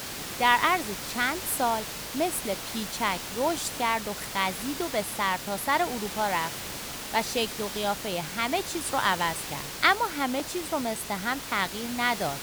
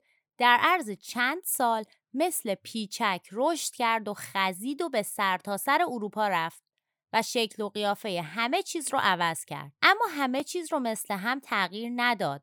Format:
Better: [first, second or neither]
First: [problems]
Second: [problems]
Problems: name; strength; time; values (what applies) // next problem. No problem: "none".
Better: second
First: hiss; loud; throughout; 7 dB below the speech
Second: none